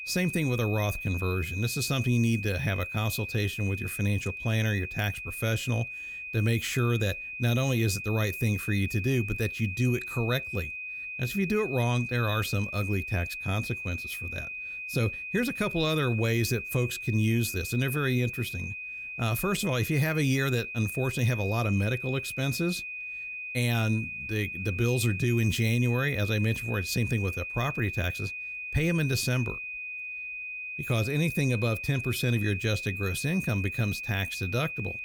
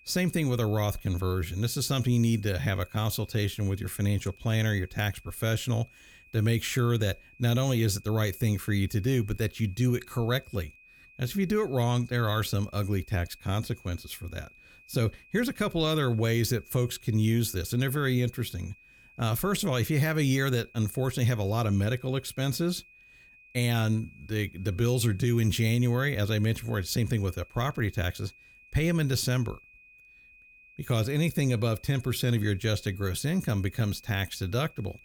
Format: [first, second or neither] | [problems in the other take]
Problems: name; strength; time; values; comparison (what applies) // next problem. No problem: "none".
second | high-pitched whine; loud; throughout; 2.5 kHz, 6 dB below the speech; faint in the second